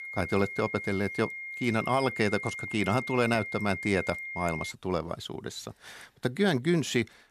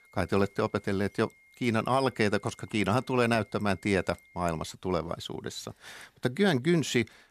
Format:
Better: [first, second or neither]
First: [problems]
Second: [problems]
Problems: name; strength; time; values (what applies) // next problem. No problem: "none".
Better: second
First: high-pitched whine; loud; until 4.5 s; 2 kHz, 7 dB below the speech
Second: high-pitched whine; faint; until 4.5 s; 2 kHz, 30 dB below the speech